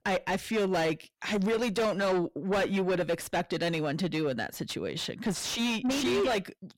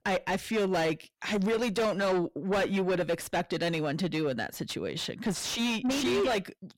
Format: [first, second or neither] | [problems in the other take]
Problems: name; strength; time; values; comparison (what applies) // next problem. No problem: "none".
neither | distortion; heavy; 6 dB below the speech; the same in both